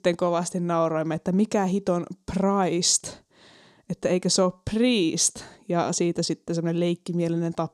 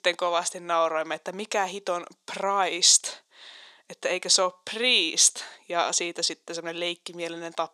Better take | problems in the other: first | thin; very; fading below 700 Hz

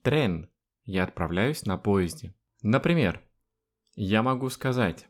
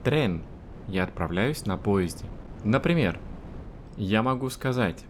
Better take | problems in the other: first | wind noise on the microphone; occasional gusts; 20 dB below the speech

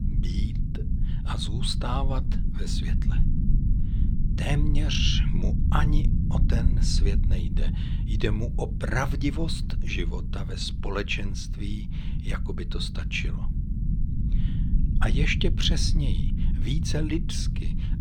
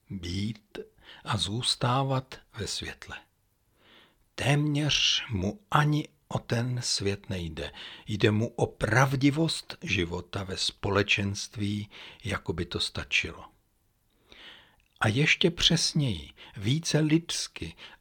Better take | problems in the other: second | low rumble; loud; throughout; 9 dB below the speech

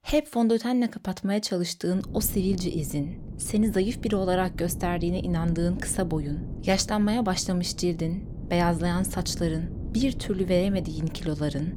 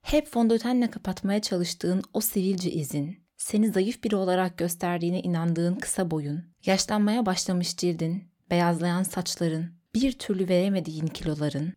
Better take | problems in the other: second | wind noise on the microphone; occasional gusts; from 2 s on; 15 dB below the speech

